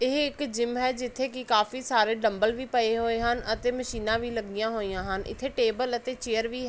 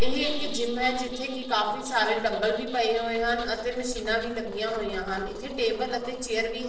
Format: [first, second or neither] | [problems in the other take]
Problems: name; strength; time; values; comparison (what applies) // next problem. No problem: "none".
first | noise reduction (neural separator model SepFormer DNS4)